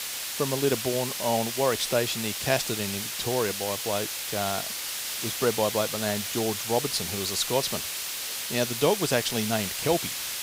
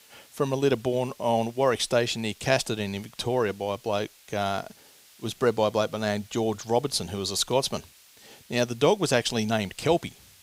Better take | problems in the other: second | hiss; loud; throughout; 2 dB below the speech; faint in the second

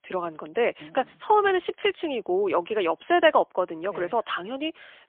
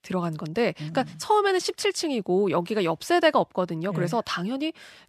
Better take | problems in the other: second | phone-call audio; poor line

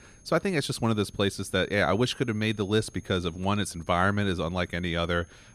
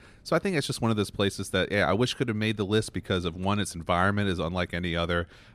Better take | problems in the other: second | high-pitched whine; faint; throughout; 6.5 kHz, 30 dB below the speech

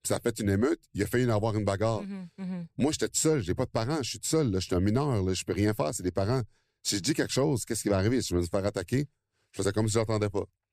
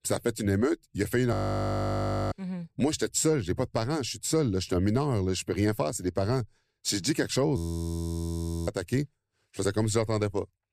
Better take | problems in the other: first | audio freezing; at 1.5 s for 1 s and at 7.5 s for 1 s

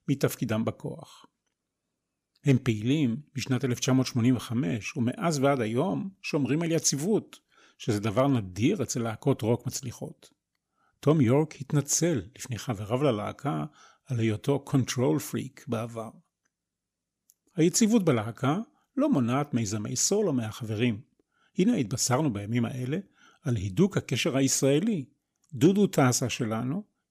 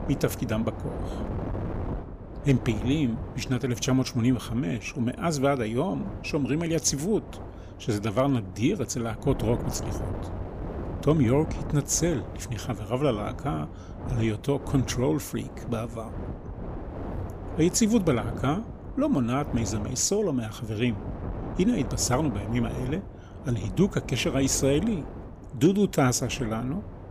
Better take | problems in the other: first | wind noise on the microphone; occasional gusts; 10 dB below the speech

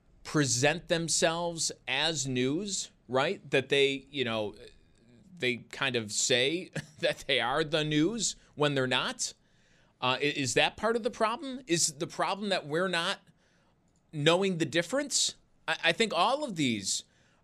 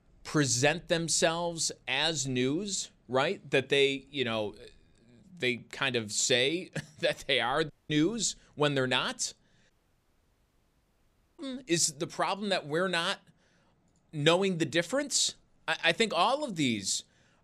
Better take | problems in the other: first | audio cutting out; at 7.5 s and at 9.5 s for 1.5 s

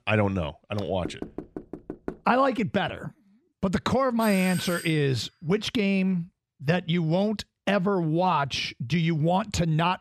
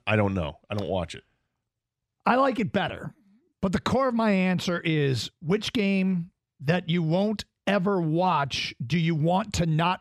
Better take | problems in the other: second | door banging; faint; from 1 to 2 s; peak 10 dB below the speech // doorbell; noticeable; at 4 s; peak 9 dB below the speech

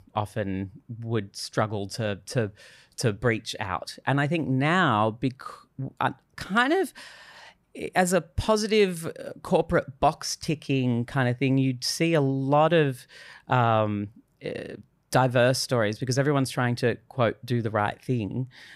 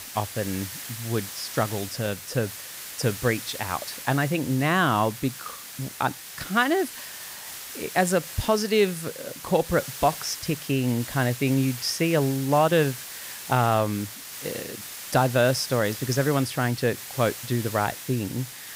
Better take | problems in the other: first | hiss; noticeable; throughout; 10 dB below the speech

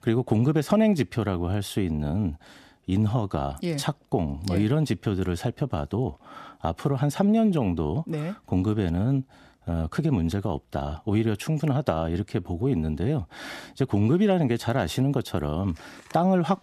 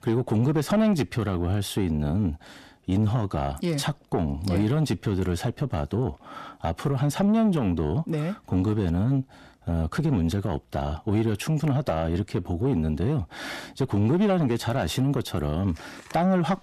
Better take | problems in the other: first | distortion; slight; 10 dB below the speech

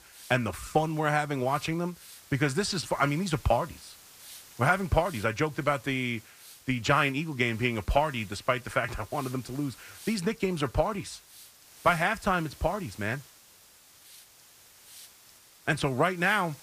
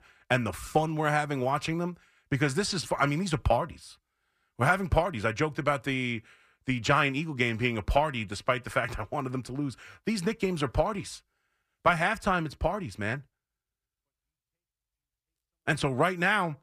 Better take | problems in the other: second | hiss; faint; throughout; 20 dB below the speech

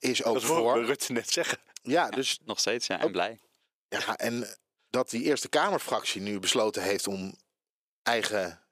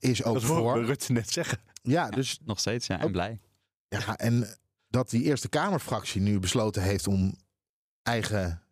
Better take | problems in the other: second | thin; somewhat; fading below 400 Hz

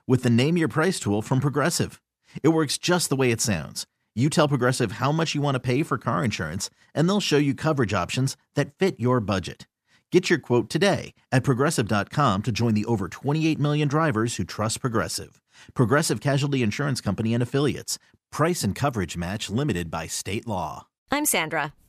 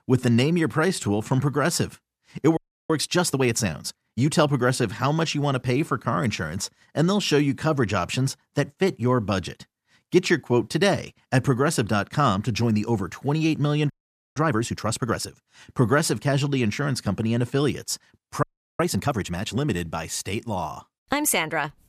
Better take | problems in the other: first | audio freezing; at 2.5 s, at 14 s and at 18 s

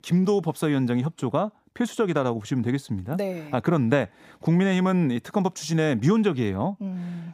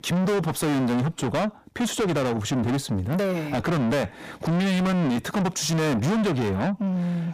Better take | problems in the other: first | distortion; heavy; 5 dB below the speech

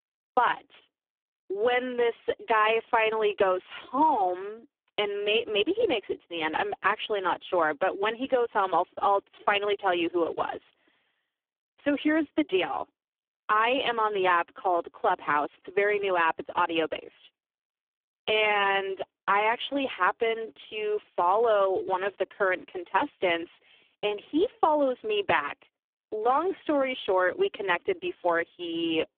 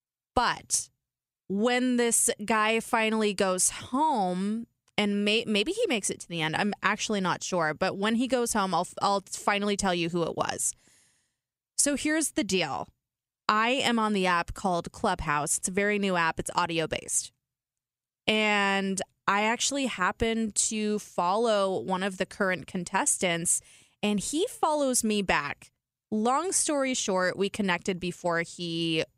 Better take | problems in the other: second | phone-call audio; poor line

